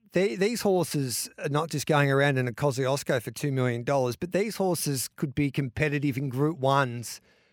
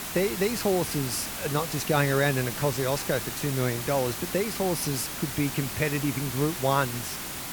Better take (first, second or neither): first